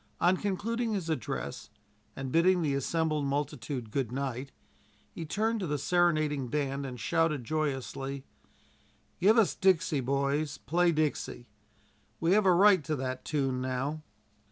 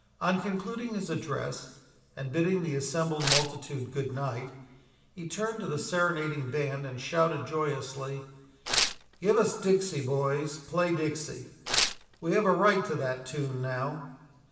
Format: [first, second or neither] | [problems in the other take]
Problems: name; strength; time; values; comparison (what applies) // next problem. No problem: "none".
first | background sound (Tearing); 2 dB below the speech // room echo; dies away in 1.1 s